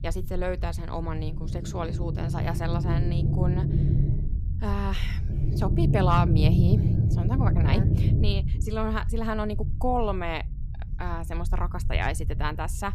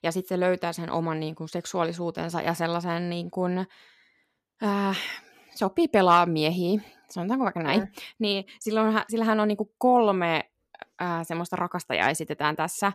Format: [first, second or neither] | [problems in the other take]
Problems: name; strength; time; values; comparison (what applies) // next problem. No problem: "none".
second | low rumble; loud; throughout; 5 dB below the speech